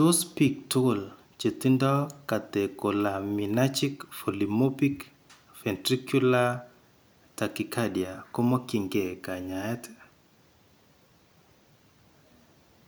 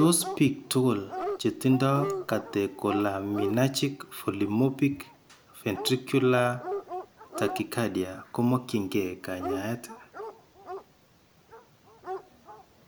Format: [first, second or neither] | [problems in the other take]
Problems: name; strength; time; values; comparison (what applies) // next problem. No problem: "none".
first | background sound (Dog); 11 dB below the speech